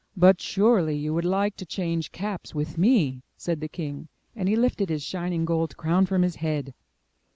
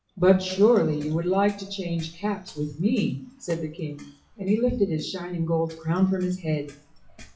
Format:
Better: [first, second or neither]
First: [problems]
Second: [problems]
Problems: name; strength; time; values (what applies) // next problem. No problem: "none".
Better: first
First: none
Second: noise reduction (classical method WPE with log-MMSE)